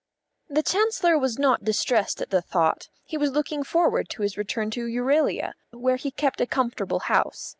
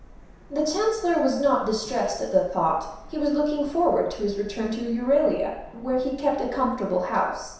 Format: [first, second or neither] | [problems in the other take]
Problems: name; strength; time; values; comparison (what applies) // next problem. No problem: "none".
first | background sound (Subway, metro, underground); 20 dB below the speech // room echo; dies away in 0.7 s